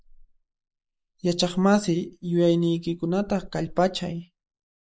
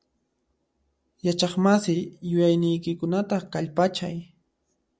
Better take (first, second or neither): second